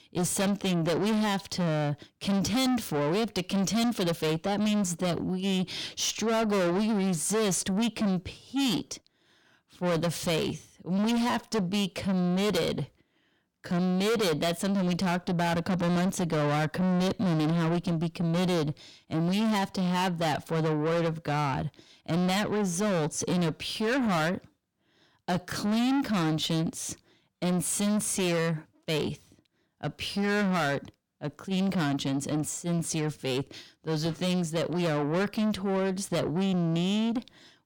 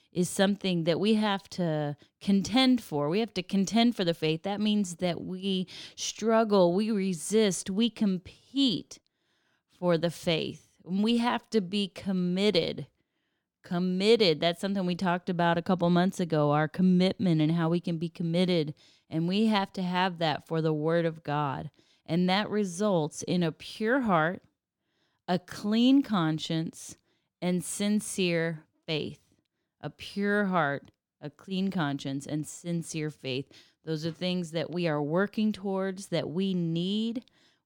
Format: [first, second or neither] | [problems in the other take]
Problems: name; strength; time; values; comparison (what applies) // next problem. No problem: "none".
second | distortion; heavy; 6 dB below the speech